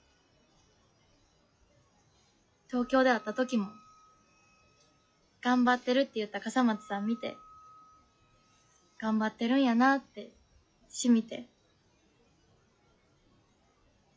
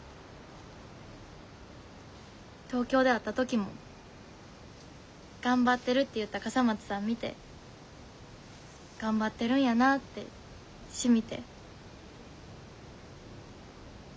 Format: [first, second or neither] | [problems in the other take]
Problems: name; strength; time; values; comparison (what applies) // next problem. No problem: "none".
second | noise reduction (classical method log-MMSE)